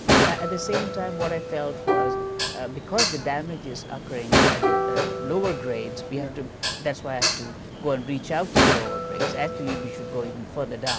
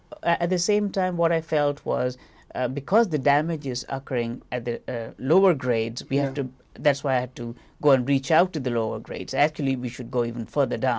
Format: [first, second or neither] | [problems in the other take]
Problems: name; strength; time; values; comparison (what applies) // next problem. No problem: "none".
second | background sound (Dishes, pots, and pans + Plucked string instrument); 5 dB above the speech